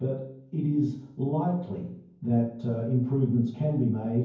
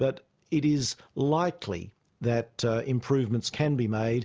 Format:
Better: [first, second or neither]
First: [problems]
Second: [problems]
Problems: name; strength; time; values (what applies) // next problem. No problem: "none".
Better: second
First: room echo; dies away in 0.9 s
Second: none